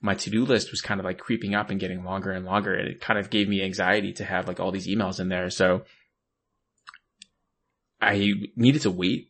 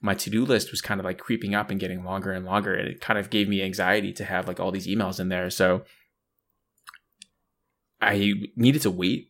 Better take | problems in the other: second | garbled, watery; slightly; nothing above 8 kHz

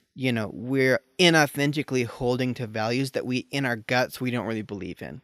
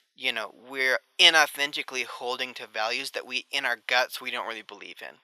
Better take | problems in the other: first | thin; very; fading below 850 Hz

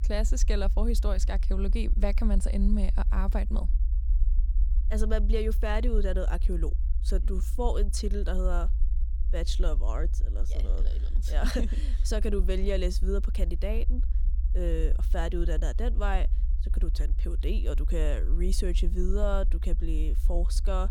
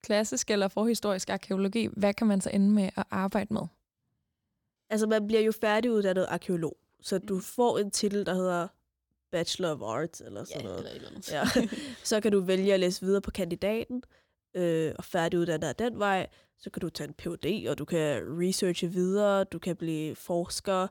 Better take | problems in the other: second | low rumble; noticeable; throughout; 15 dB below the speech

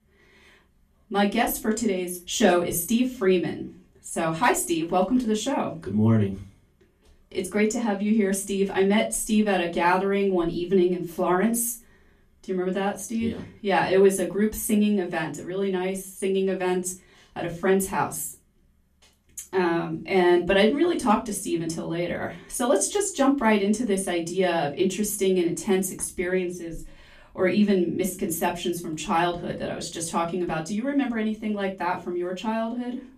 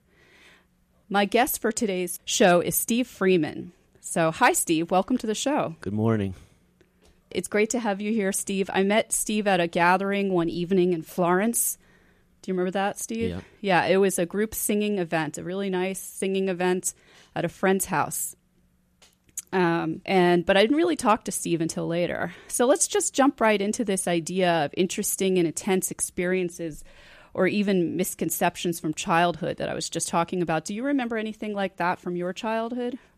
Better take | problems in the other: second | off-mic speech; far // room echo; very slight; dies away in 0.2 s

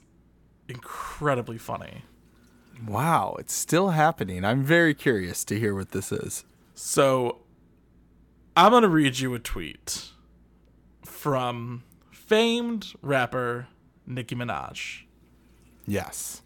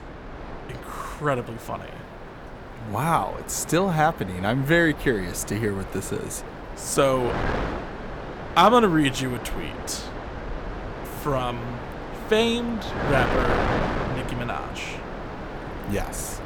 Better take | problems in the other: first | wind noise on the microphone; heavy; 8 dB below the speech

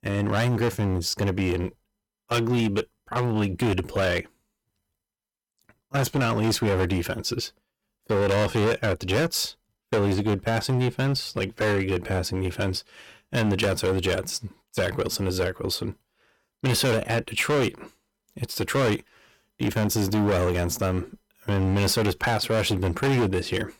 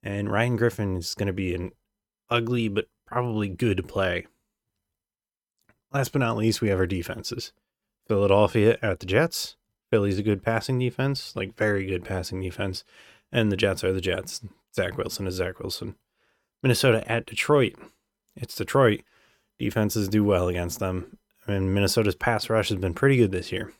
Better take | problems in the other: second | distortion; heavy; 14% of the sound clipped

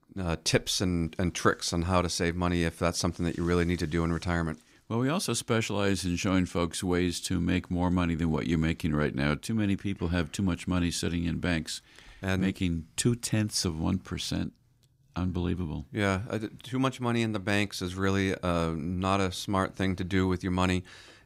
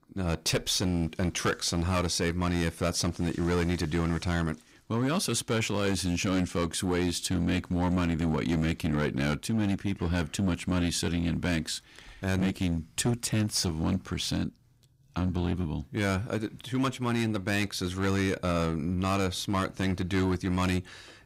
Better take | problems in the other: first | distortion; slight; 11% of the sound clipped

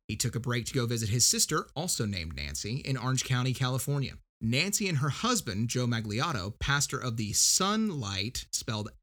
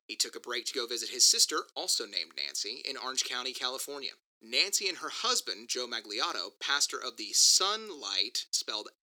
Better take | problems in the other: first | thin; very; fading below 350 Hz

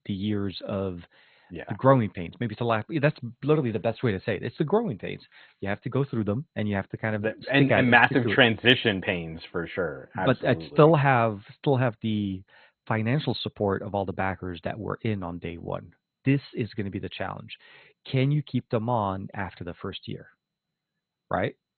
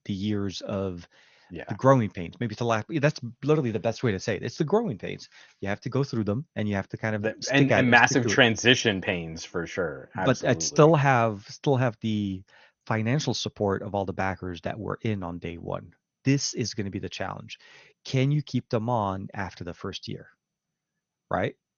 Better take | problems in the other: second | garbled, watery; badly; nothing above 4 kHz; slightly in the second

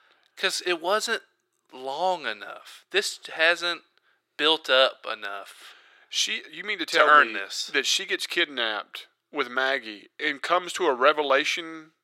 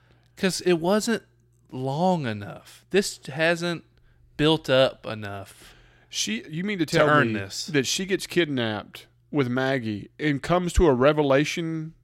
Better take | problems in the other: second | thin; very; fading below 400 Hz

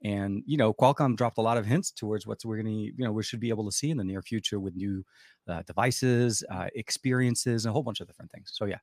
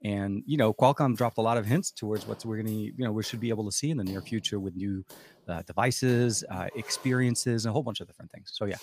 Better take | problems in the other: first | household noises; faint; throughout; 20 dB below the speech

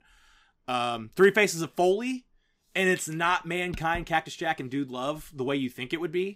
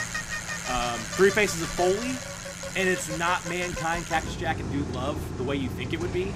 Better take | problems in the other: first | traffic noise; loud; throughout; 5 dB below the speech

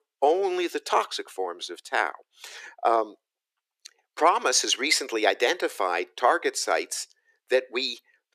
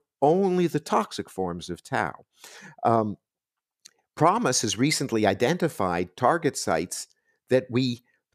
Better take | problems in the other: second | thin; very; fading below 350 Hz

